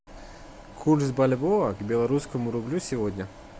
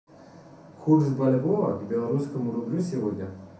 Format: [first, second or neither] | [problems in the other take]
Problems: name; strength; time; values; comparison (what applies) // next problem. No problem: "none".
first | room echo; dies away in 0.6 s